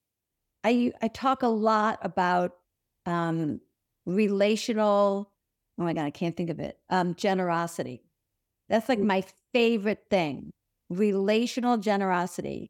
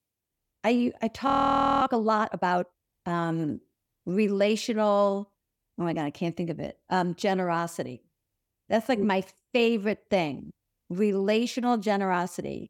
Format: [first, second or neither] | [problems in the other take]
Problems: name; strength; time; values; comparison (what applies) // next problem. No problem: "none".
first | audio freezing; at 1.5 s for 0.5 s